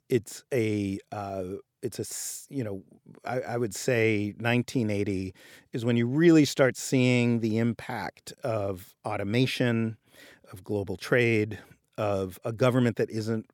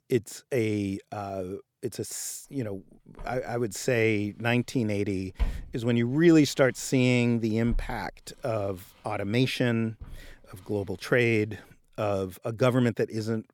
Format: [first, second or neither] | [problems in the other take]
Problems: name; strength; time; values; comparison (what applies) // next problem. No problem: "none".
first | footsteps; noticeable; from 3 to 10 s; peak 7 dB below the speech